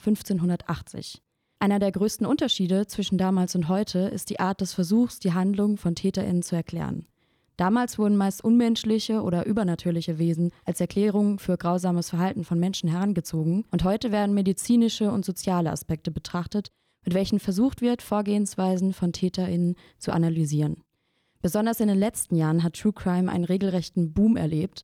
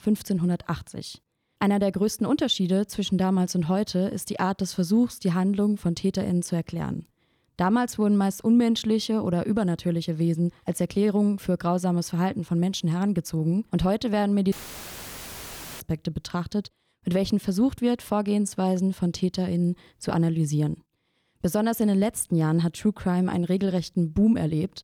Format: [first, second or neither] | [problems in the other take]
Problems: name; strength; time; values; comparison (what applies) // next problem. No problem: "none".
first | audio cutting out; filled with static; at 15 s for 1.5 s